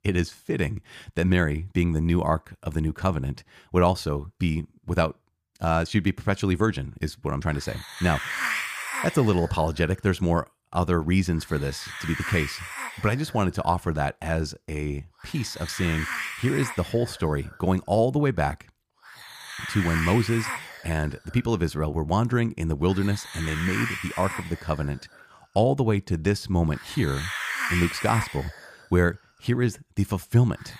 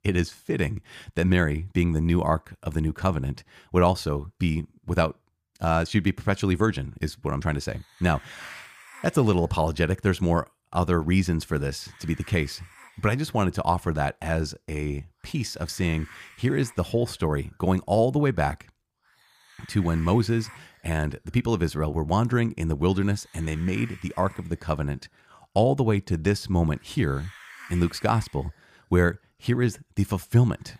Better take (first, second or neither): second